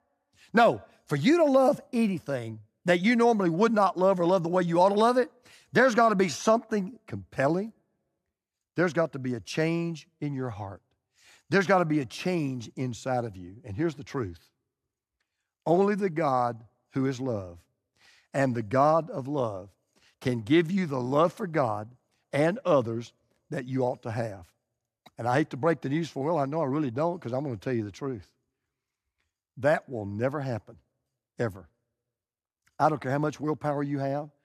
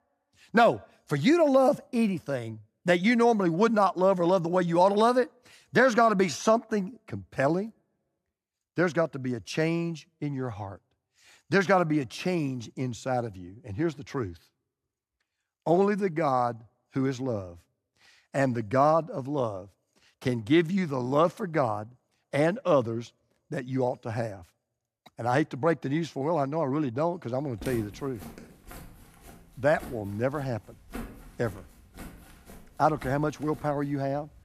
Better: first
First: none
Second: footsteps; faint; from 28 s on; peak 15 dB below the speech

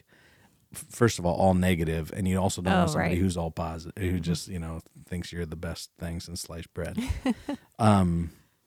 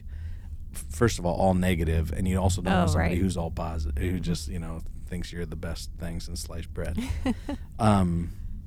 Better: first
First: none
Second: low rumble; faint; throughout; 20 dB below the speech

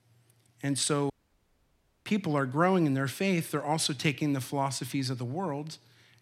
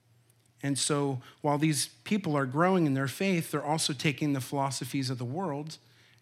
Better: second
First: audio cutting out; at 1 s for 1 s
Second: none

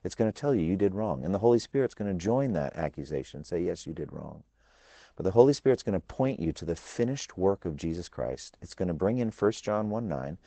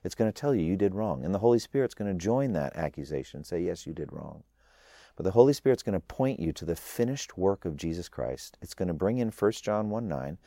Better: second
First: garbled, watery; badly; nothing above 8 kHz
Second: none

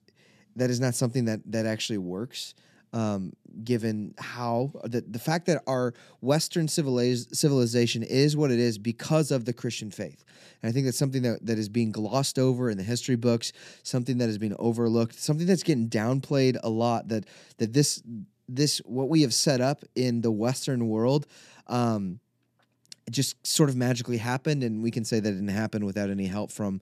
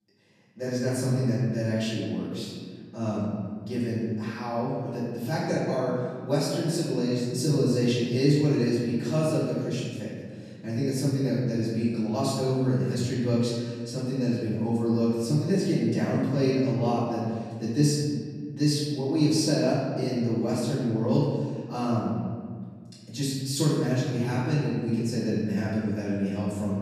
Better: first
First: none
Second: off-mic speech; far // room echo; strong; dies away in 1.8 s

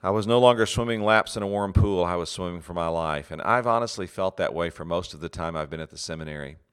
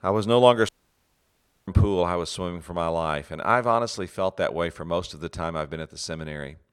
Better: first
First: none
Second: audio cutting out; at 0.5 s for 1 s

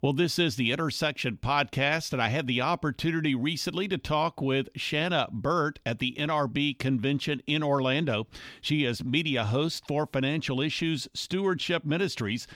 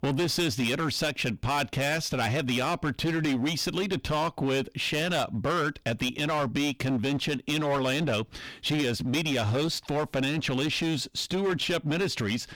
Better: first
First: none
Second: distortion; heavy; 18% of the sound clipped

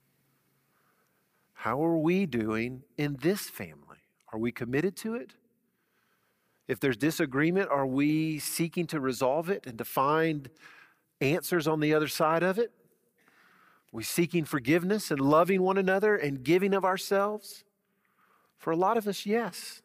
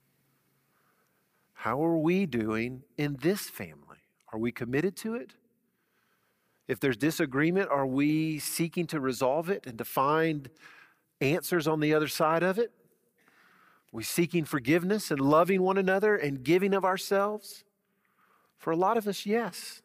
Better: neither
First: none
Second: none

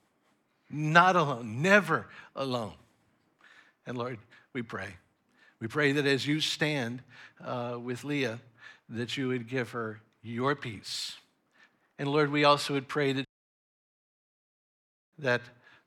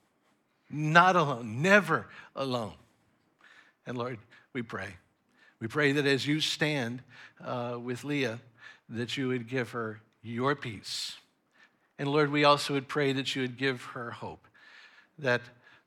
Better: second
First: audio cutting out; at 13 s for 2 s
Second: none

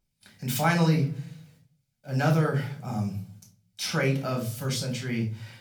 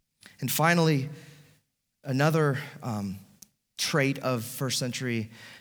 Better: second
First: off-mic speech; far // room echo; slight; dies away in 0.4 s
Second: none

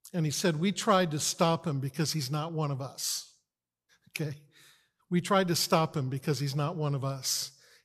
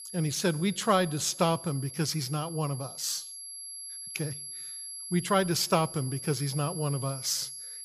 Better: first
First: none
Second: high-pitched whine; loud; throughout; 11 kHz, 10 dB below the speech

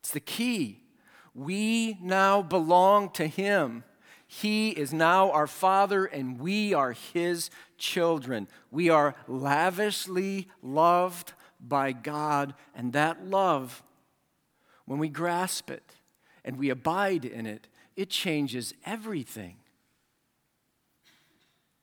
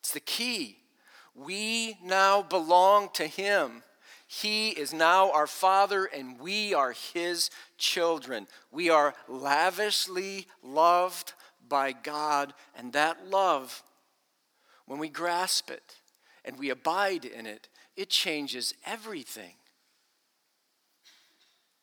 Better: first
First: none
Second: thin; somewhat; fading below 400 Hz

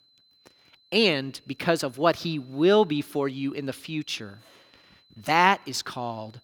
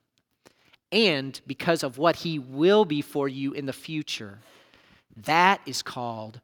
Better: second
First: high-pitched whine; faint; throughout; 4 kHz, 35 dB below the speech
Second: none

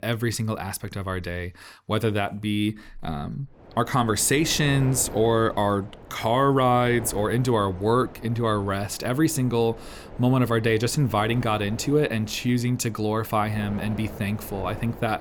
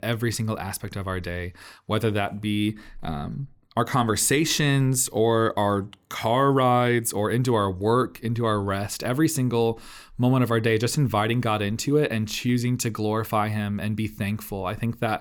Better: second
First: wind noise on the microphone; occasional gusts; from 3.5 s on; 15 dB below the speech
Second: none

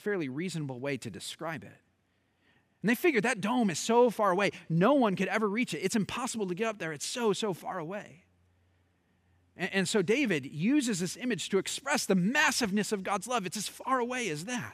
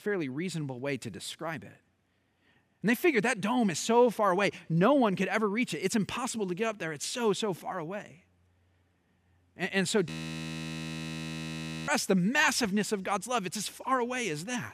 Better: first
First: none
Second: audio freezing; at 10 s for 2 s

